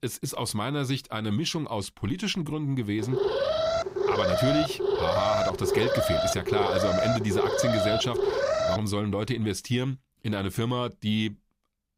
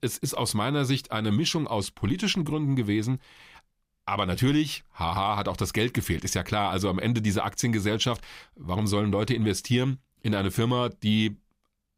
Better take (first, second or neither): second